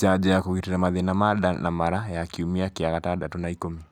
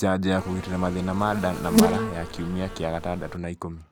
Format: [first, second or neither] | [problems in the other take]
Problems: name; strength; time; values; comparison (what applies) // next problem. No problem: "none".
first | background sound (Insect); 1 dB below the speech